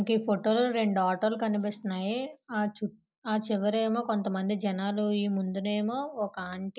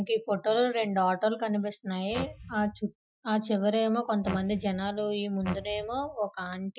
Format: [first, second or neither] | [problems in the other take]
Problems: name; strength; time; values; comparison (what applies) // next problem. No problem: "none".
first | noise reduction (classical method Wiener filter)